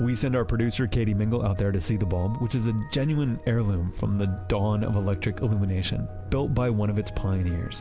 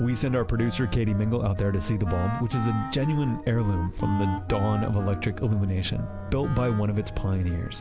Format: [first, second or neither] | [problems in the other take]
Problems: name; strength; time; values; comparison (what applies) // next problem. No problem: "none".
first | background sound (Wind instrument, woodwind instrument); 12 dB below the speech